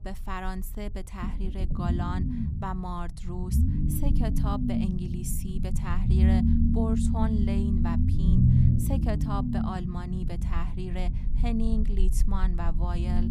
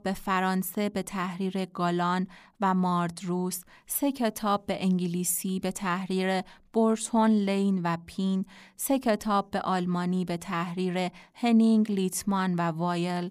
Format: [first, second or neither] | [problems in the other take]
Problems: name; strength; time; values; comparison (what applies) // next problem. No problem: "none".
second | low rumble; loud; throughout; as loud as the speech